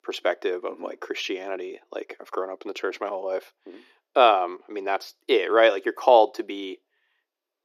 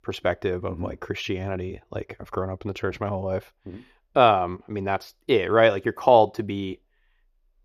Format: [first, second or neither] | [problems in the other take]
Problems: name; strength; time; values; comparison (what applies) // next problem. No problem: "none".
second | thin; somewhat; fading below 300 Hz